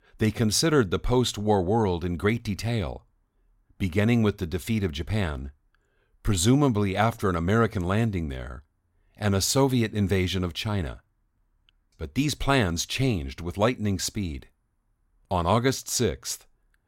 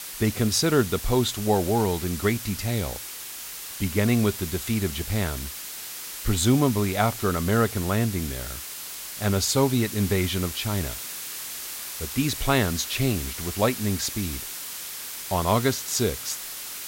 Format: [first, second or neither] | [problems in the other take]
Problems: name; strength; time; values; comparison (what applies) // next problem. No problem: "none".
first | hiss; loud; throughout; 8 dB below the speech